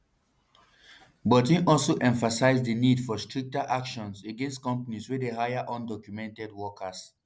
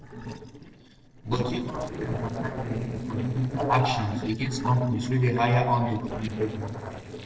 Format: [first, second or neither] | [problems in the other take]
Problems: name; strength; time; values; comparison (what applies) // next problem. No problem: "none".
first | noise reduction (neural separator model SepFormer DNS4)